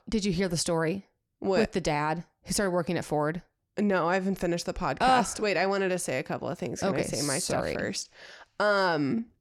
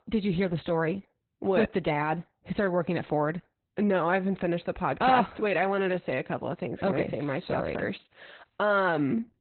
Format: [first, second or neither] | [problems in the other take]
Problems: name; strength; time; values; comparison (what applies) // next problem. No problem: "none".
first | garbled, watery; badly; nothing above 4 kHz